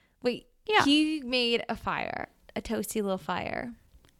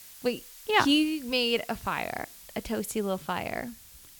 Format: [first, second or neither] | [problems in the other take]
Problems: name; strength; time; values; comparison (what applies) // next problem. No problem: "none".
first | hiss; noticeable; throughout; 20 dB below the speech